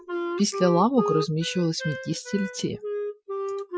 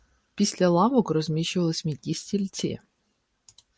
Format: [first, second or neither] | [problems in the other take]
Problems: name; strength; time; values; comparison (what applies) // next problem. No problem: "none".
second | noise reduction (classical method Wiener filter)